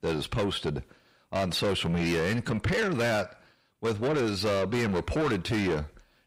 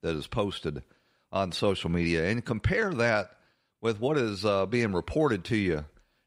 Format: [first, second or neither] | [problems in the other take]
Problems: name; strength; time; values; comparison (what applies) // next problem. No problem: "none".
second | distortion; heavy; 7 dB below the speech